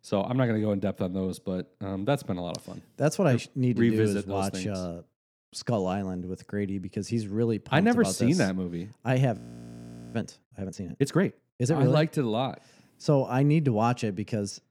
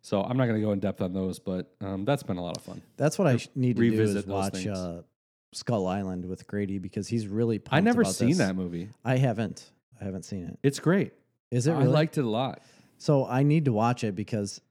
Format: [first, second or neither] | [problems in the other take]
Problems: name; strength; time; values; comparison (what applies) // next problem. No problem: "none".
second | audio freezing; at 9.5 s for 1 s